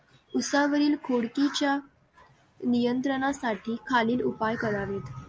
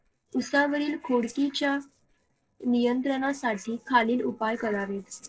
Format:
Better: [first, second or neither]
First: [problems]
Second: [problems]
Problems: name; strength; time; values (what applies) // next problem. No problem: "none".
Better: first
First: none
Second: noise reduction (neural separator model SepFormer DNS4)